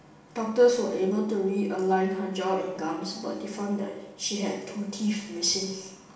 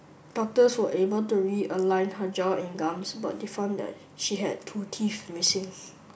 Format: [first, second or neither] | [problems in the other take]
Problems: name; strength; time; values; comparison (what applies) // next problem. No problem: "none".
second | room echo; dies away in 0.9 s